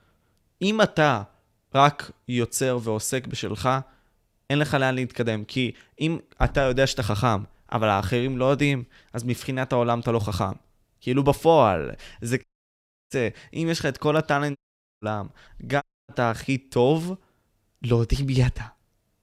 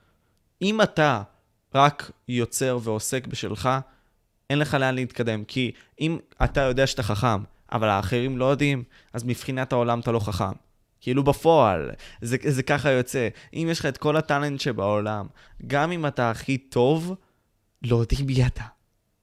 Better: second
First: audio cutting out; at 12 s for 0.5 s, at 15 s and at 16 s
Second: none

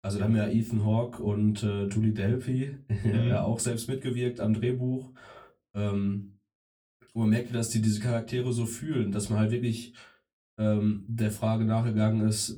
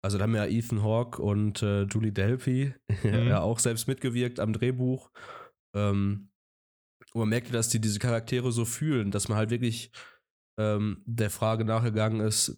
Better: second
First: off-mic speech; far // room echo; very slight; dies away in 0.2 s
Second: none

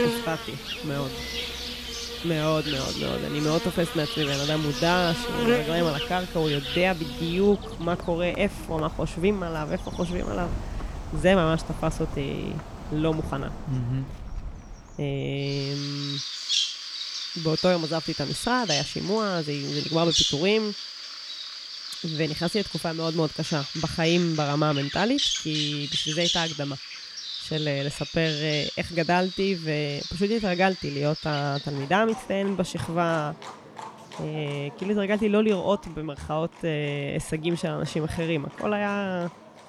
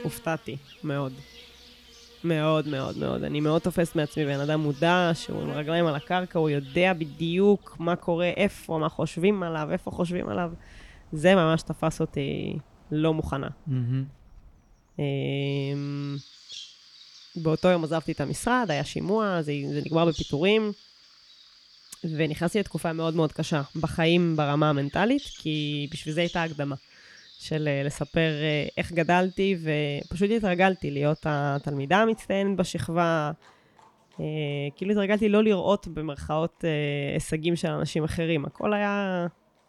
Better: second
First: animal sounds; loud; throughout; 4 dB below the speech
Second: animal sounds; faint; throughout; 20 dB below the speech

